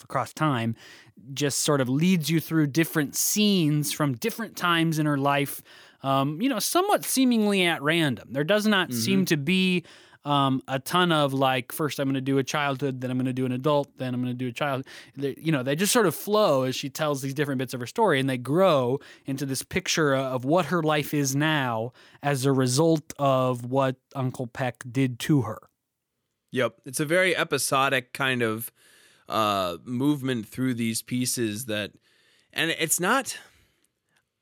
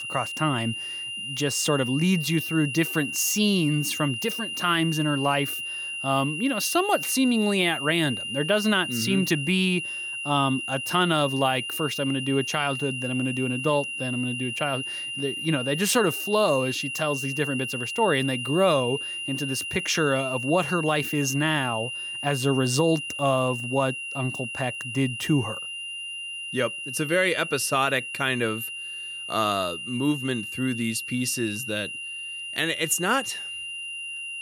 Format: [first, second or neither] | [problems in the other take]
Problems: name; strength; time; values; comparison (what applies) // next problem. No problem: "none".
first | high-pitched whine; loud; throughout; 3 kHz, 5 dB below the speech